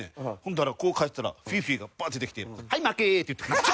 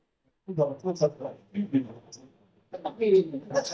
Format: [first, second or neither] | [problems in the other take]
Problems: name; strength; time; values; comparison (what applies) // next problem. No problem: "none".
first | noise reduction (neural mask model DeepFilterNet 3)